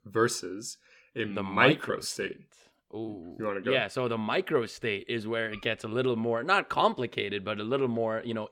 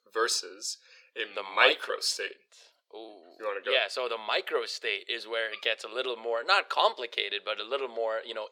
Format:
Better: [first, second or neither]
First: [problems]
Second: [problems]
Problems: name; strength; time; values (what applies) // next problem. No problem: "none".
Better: first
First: none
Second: thin; very; fading below 500 Hz